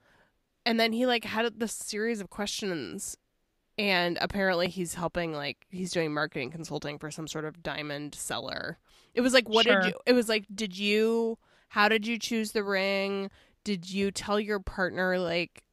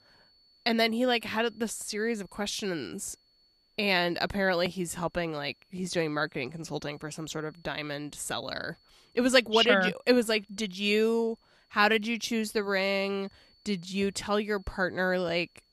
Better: first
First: none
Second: high-pitched whine; faint; throughout; 4.5 kHz, 35 dB below the speech

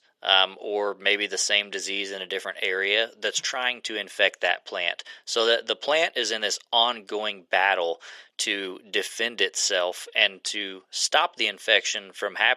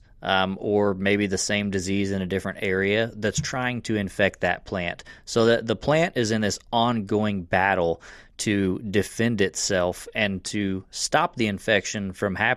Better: second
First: thin; very; fading below 450 Hz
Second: none

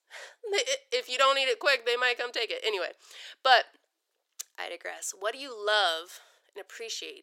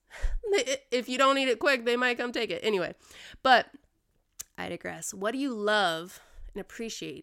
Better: second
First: thin; very; fading below 400 Hz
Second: none

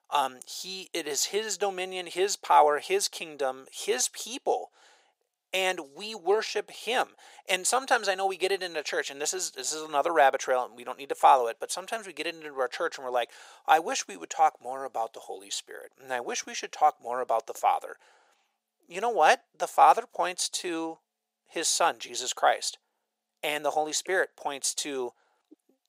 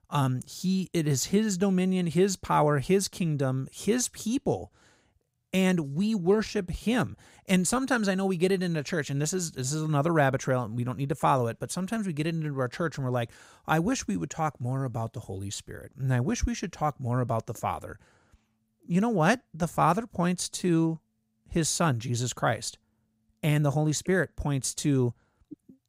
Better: second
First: thin; very; fading below 450 Hz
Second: none

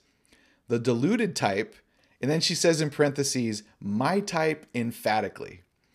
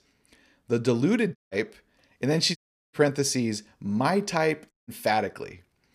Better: first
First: none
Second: audio cutting out; at 1.5 s, at 2.5 s and at 4.5 s

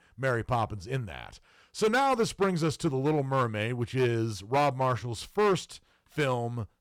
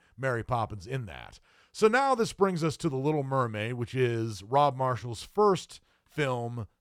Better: second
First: distortion; slight; 5% of the sound clipped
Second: none

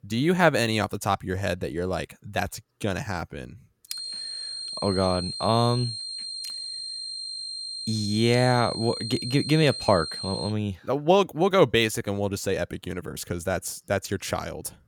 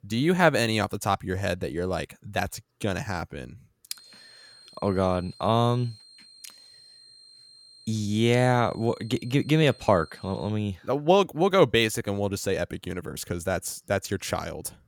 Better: second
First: high-pitched whine; loud; from 4 to 11 s; 4 kHz, 7 dB below the speech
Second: high-pitched whine; faint; from 4 to 11 s; 4 kHz, 25 dB below the speech

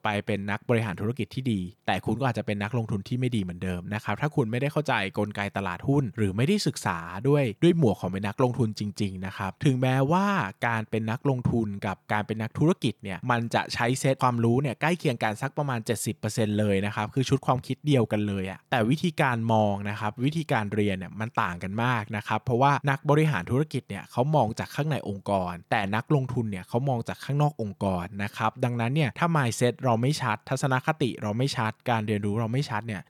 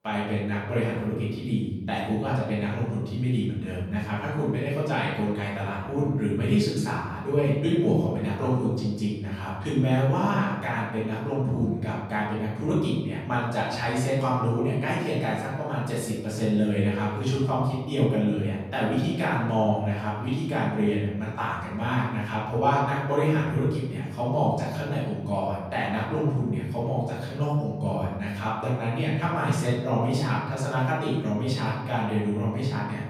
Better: first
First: none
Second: room echo; noticeable; dies away in 1.1 s // off-mic speech; far

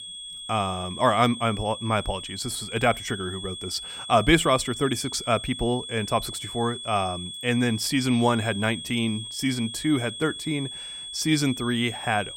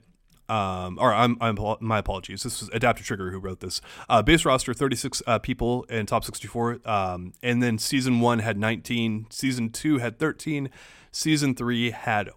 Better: second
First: high-pitched whine; loud; throughout; 3.5 kHz, 9 dB below the speech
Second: none

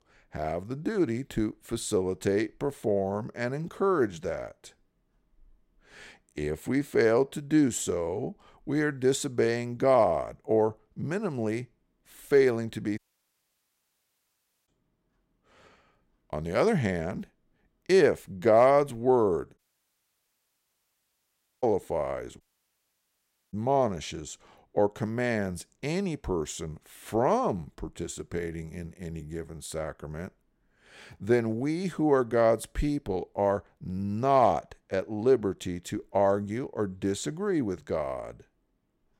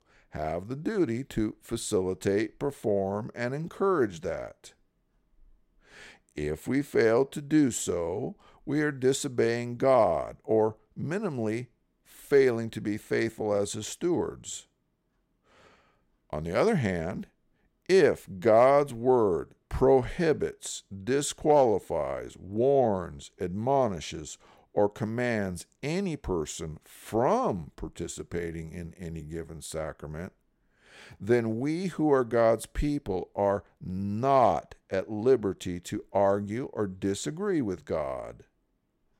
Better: second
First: audio cutting out; at 13 s for 1.5 s, at 20 s for 2 s and at 22 s for 1 s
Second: none

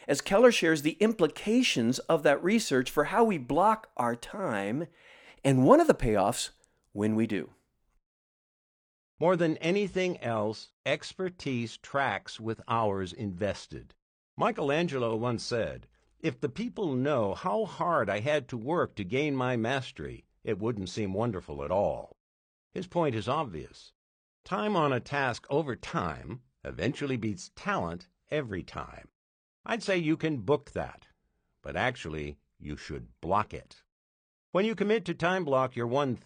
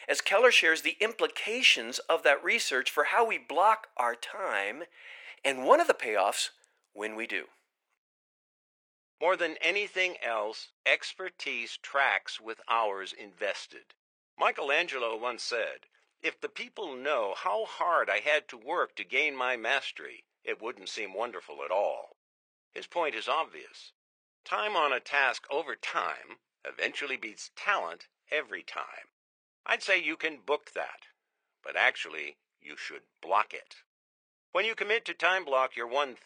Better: first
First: none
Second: thin; very; fading below 500 Hz

